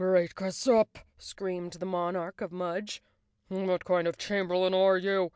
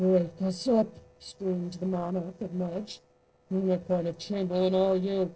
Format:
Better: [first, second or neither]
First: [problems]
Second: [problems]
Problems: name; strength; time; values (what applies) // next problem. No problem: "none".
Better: first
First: none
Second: noise reduction (neural separator model SepFormer DNS4)